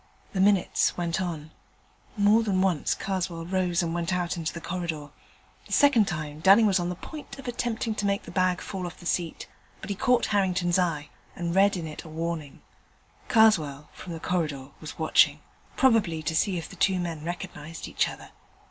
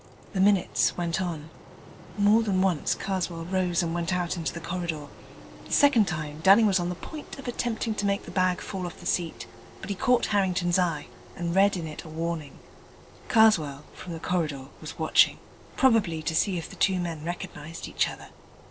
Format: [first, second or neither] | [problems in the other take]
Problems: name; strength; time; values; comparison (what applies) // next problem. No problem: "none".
first | background sound (Engine); 19 dB below the speech